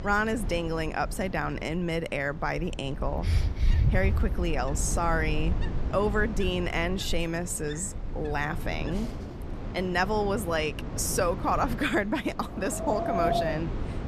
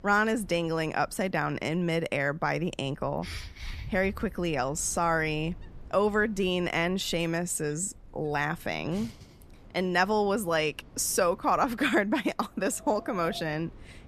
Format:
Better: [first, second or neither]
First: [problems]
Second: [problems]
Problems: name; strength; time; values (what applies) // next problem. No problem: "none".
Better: second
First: wind in the background; loud; throughout; 3 dB below the speech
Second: wind in the background; faint; throughout; 20 dB below the speech